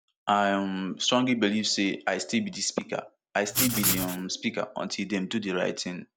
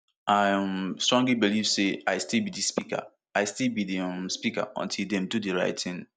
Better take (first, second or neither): second